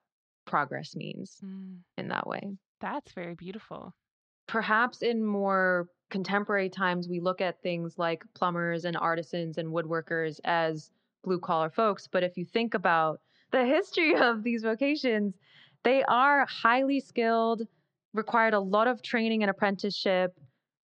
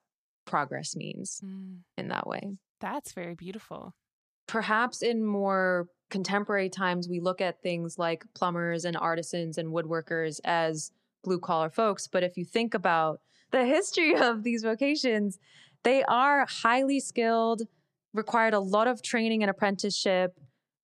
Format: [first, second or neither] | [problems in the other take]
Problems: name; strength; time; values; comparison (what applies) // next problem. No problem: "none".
second | muffled; very slightly; fading above 4 kHz